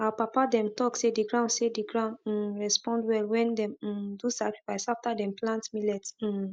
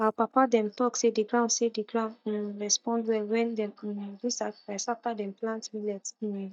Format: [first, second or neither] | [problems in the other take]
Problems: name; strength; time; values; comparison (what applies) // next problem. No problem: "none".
first | noise reduction (neural mask model DeepFilterNet 3)